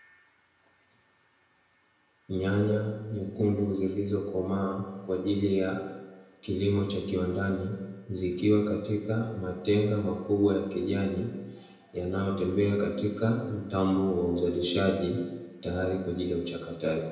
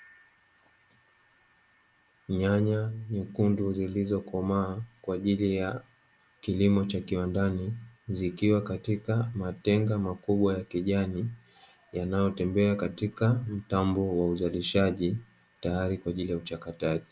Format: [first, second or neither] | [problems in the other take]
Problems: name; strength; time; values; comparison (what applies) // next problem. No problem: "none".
second | room echo; dies away in 0.9 s